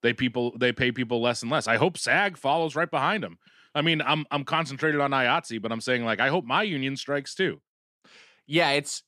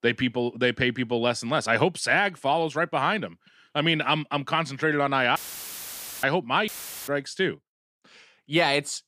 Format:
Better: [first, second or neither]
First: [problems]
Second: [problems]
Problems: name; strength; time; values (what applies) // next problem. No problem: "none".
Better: first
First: none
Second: audio cutting out; filled with static; at 5.5 s for 1 s and at 6.5 s